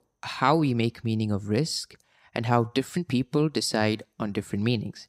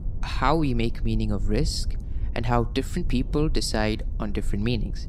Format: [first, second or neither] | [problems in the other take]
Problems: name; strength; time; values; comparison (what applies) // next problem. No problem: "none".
first | low rumble; faint; throughout; 20 dB below the speech